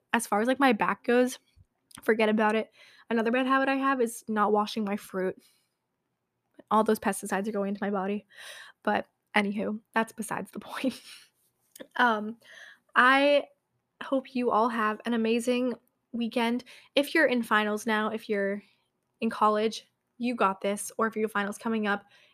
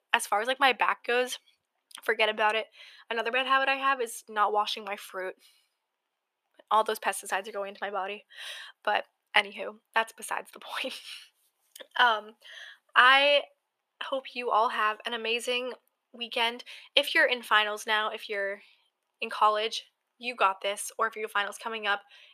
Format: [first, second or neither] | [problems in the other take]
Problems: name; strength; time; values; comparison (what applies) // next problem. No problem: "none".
first | thin; very; fading below 700 Hz